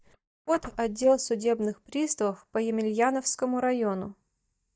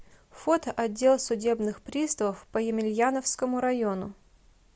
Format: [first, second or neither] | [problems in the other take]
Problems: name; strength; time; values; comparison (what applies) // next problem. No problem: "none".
second | noise reduction (neural mask model DeepFilterNet 3)